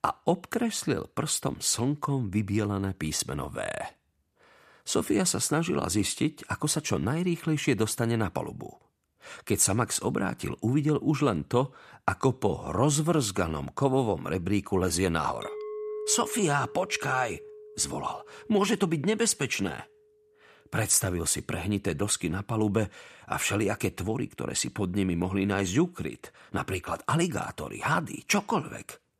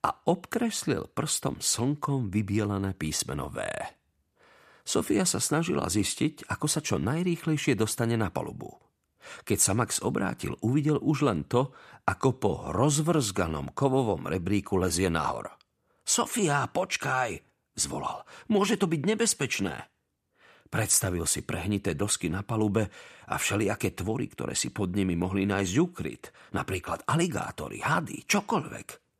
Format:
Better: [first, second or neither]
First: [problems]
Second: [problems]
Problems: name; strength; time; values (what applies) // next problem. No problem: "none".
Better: second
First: clattering dishes; noticeable; from 15 to 19 s; peak 7 dB below the speech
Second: none